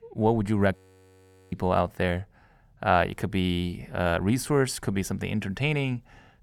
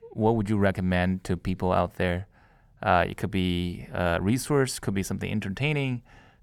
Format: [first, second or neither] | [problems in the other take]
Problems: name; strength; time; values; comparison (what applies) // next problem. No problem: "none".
second | audio freezing; at 1 s for 1 s